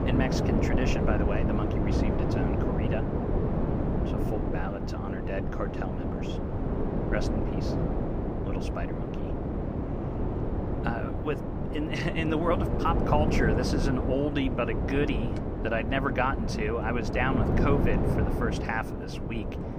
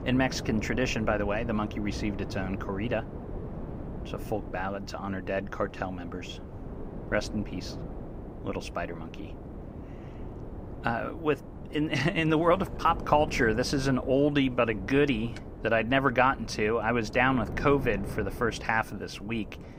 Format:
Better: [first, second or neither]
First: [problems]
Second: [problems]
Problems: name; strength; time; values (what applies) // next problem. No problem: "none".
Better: second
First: wind noise on the microphone; heavy; 2 dB below the speech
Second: wind noise on the microphone; occasional gusts; 15 dB below the speech